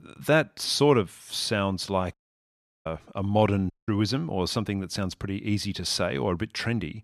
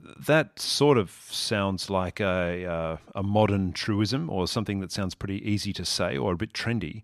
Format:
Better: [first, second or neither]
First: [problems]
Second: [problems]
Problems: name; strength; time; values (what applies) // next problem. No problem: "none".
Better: second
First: audio cutting out; at 2 s for 0.5 s and at 3.5 s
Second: none